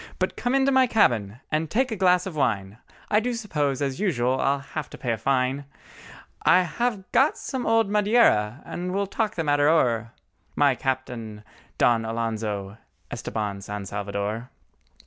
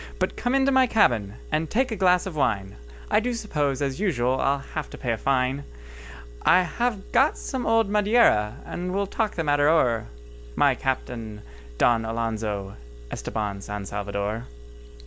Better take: first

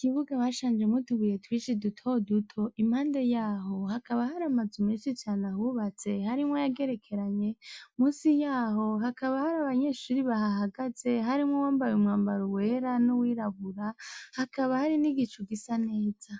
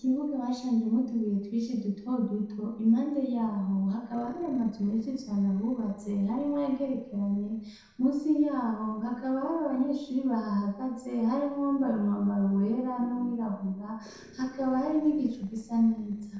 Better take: first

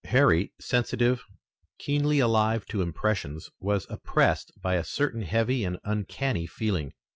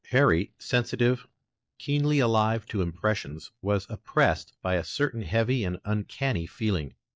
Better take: first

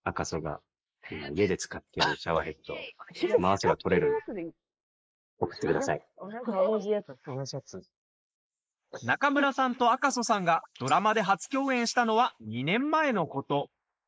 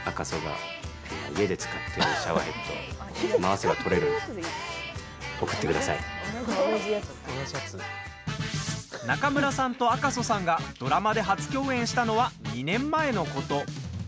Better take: second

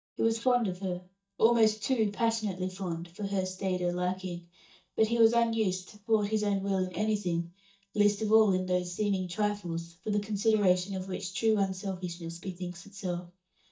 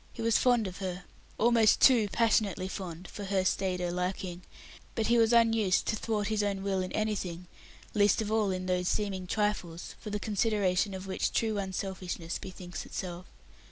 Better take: second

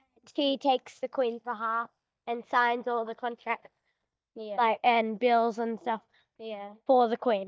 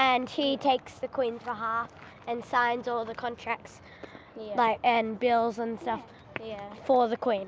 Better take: second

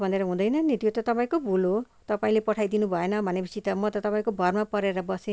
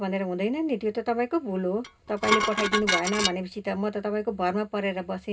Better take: first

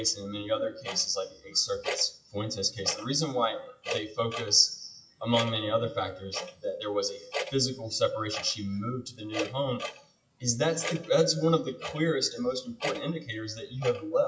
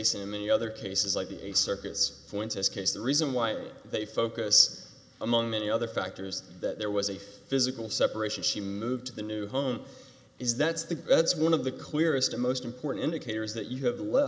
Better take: second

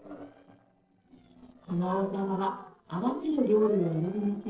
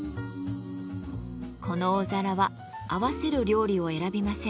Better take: second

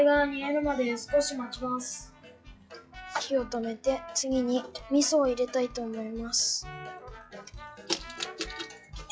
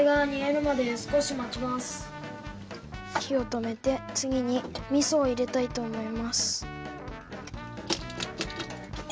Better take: second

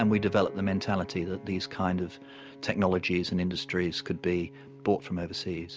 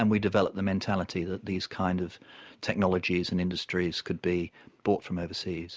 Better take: second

